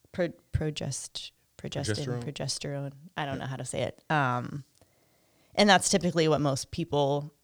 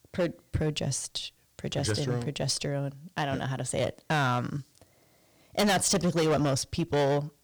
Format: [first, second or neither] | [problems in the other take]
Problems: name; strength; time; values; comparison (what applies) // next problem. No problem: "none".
first | distortion; heavy; 8% of the sound clipped